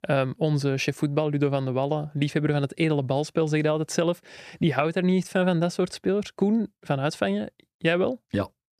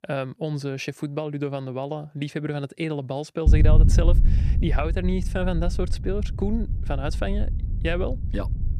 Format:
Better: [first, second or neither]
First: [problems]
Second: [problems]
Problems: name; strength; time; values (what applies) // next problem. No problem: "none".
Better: first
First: none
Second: wind noise on the microphone; occasional gusts; from 3.5 s on; 10 dB below the speech